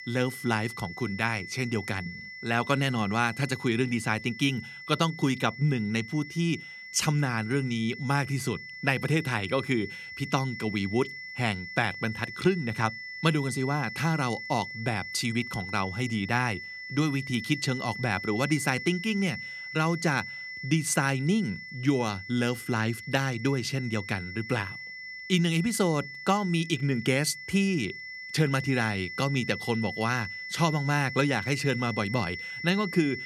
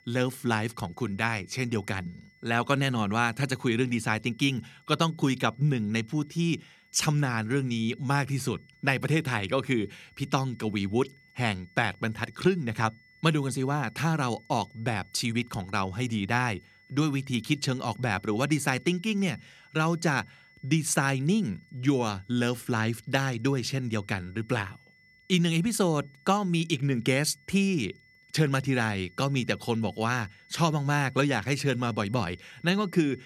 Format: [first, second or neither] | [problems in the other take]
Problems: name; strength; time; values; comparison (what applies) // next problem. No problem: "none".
second | high-pitched whine; loud; throughout; 2 kHz, 10 dB below the speech; faint in the second